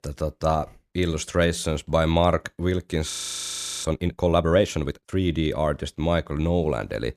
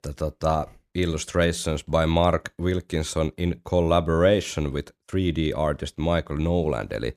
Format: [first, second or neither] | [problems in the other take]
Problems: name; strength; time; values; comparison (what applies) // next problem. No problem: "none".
second | audio freezing; at 3 s for 0.5 s